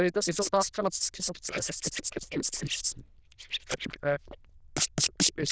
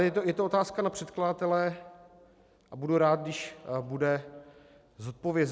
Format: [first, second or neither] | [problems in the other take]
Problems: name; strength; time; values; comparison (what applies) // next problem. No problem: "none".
second | noise reduction (neural diffusion model UNIVERSE++)